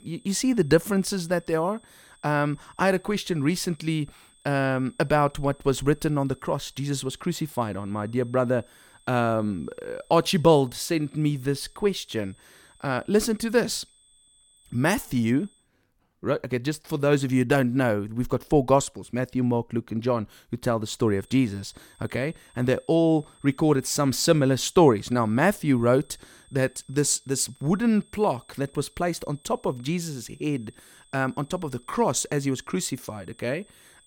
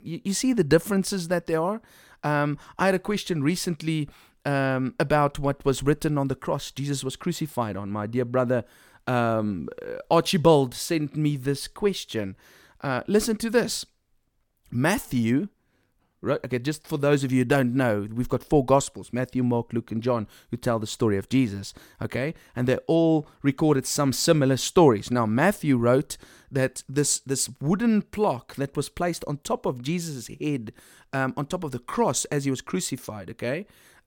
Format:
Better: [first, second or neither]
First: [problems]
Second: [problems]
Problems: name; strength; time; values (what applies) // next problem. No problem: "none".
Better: second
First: high-pitched whine; faint; until 16 s and from 21 s on; 8 kHz, 30 dB below the speech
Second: none